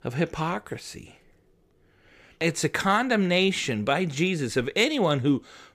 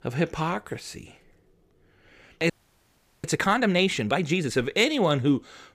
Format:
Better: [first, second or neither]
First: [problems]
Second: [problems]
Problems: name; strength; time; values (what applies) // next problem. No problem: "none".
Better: first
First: none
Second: audio freezing; at 2.5 s for 0.5 s